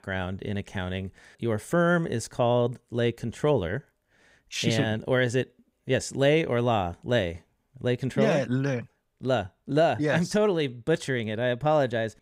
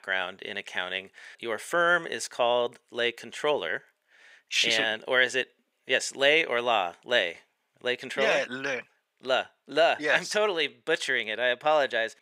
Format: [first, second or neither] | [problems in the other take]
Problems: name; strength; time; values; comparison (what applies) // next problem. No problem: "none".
first | thin; very; fading below 500 Hz